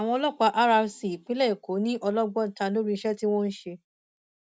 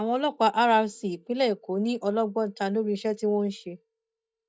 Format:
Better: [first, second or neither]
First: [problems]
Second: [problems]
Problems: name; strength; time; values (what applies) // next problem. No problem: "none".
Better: first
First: none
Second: noise reduction (neural mask model DeepFilterNet 3)